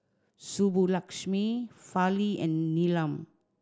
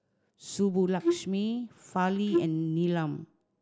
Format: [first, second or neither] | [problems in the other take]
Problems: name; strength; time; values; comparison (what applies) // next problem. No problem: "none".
first | background sound (Wind instrument, woodwind instrument); as loud as the speech